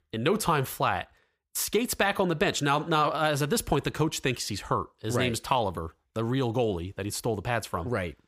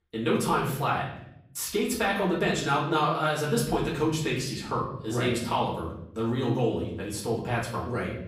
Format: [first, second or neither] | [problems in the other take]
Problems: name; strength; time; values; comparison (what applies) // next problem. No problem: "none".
first | off-mic speech; far // room echo; noticeable; dies away in 0.8 s